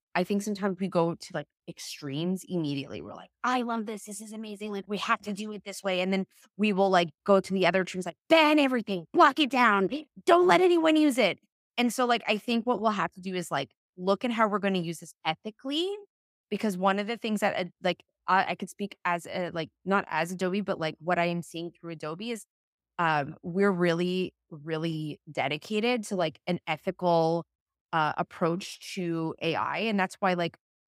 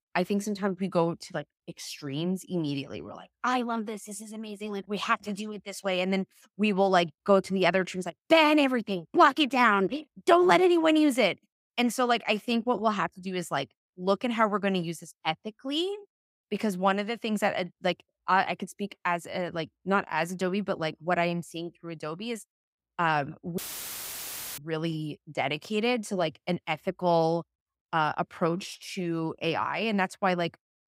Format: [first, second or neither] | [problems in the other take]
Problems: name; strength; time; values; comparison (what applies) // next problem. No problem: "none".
first | audio cutting out; filled with static; at 24 s for 1 s